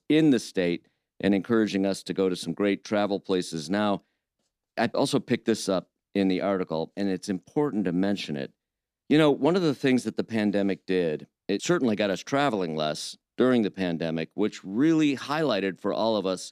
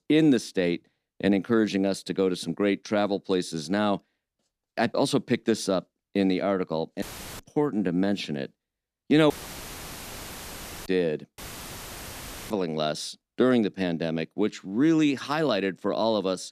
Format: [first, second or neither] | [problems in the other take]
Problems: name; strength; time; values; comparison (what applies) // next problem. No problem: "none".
first | audio cutting out; filled with static; at 7 s, at 9.5 s for 1.5 s and at 11 s for 1 s